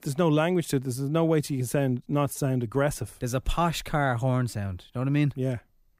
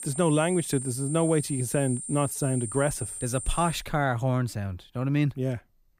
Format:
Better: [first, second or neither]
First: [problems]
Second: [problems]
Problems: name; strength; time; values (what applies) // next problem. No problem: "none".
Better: first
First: none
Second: high-pitched whine; loud; until 4 s; 9 kHz, 7 dB below the speech